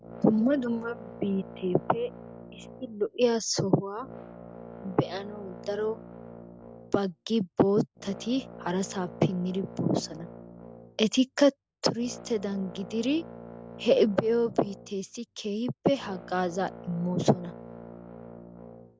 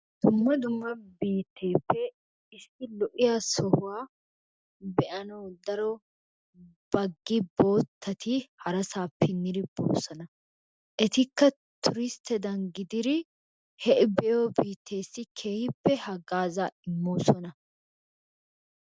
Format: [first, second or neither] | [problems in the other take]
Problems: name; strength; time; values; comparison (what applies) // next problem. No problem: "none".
second | background sound (Brass instrument); 16 dB below the speech